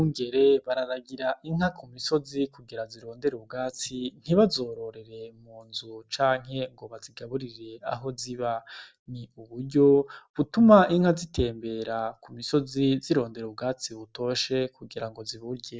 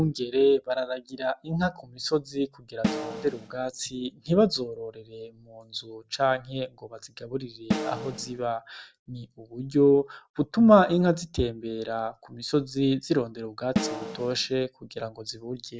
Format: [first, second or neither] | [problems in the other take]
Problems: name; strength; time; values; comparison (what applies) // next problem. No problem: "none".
first | background sound (Snare drum); 4 dB below the speech